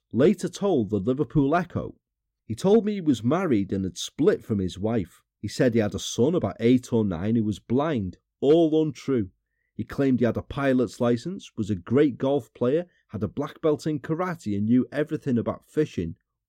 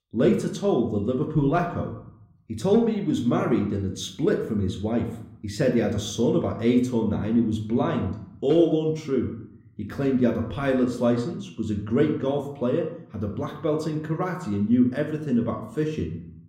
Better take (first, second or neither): first